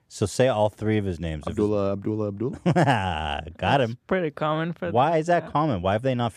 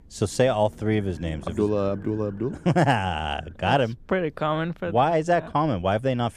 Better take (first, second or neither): first